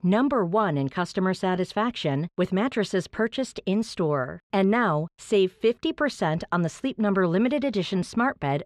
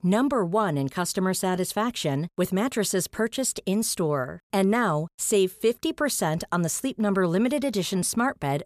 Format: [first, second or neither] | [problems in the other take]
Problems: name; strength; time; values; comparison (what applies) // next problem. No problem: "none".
second | muffled; slightly; fading above 3 kHz